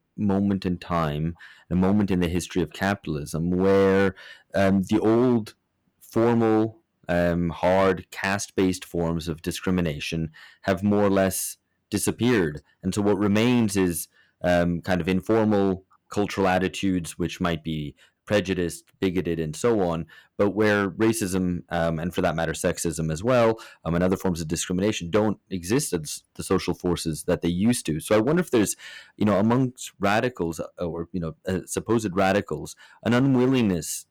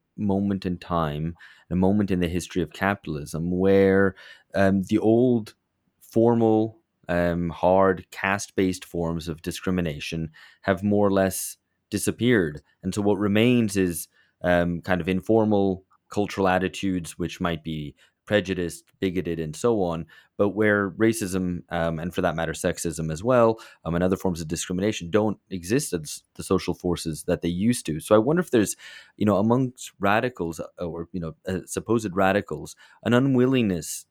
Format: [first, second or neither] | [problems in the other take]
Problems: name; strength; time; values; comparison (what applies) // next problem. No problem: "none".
second | distortion; slight; 5% of the sound clipped